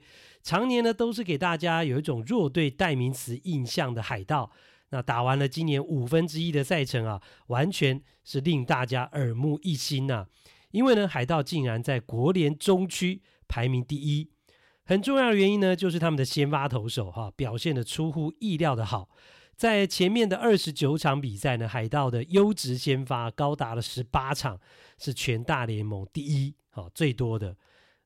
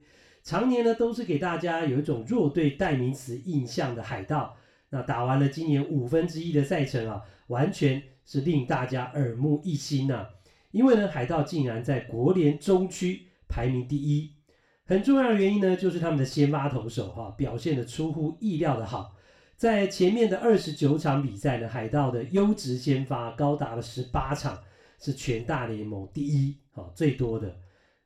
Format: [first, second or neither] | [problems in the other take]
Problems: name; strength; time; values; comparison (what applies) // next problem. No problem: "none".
first | room echo; slight; dies away in 0.4 s // off-mic speech; somewhat distant